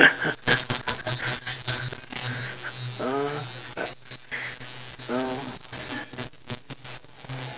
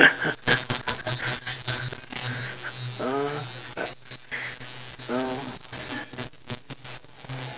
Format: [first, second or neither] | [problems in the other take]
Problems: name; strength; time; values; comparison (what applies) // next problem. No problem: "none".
second | background sound (Glass); 19 dB below the speech